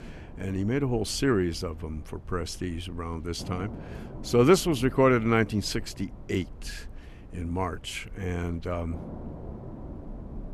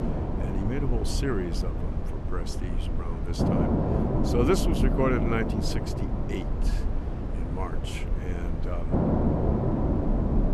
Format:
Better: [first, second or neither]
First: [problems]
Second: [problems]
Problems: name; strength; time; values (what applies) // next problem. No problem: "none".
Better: first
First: low rumble; faint; throughout; 20 dB below the speech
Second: low rumble; loud; throughout; 1 dB below the speech